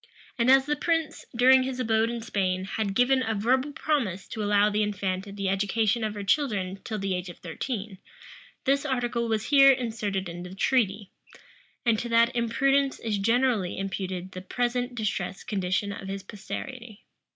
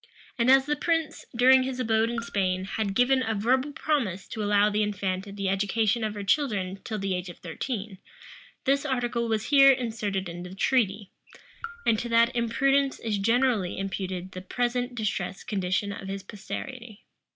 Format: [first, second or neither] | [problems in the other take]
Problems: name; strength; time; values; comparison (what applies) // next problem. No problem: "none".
first | background sound (Raindrop / Drip); 17 dB below the speech